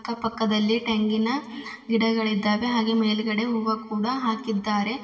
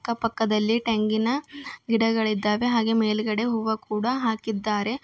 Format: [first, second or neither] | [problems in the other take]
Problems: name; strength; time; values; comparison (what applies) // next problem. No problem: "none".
second | room echo; dies away in 2 s